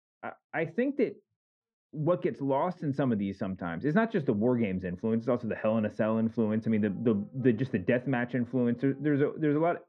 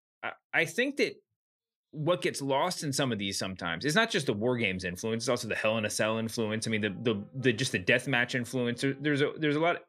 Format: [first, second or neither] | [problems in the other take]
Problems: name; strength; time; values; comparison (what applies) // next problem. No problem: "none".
second | muffled; very; fading above 1 kHz